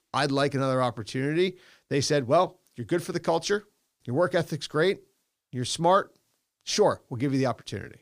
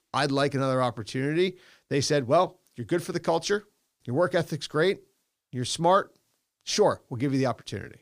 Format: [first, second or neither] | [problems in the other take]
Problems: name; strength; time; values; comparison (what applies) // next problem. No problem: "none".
neither | none